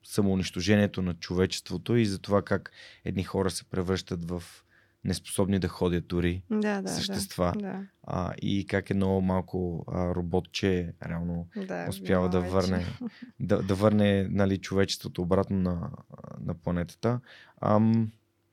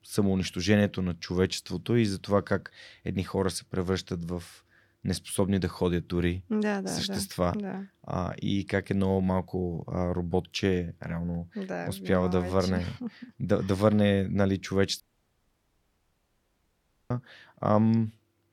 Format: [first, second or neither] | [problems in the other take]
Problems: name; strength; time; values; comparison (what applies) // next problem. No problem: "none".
first | audio cutting out; at 15 s for 2 s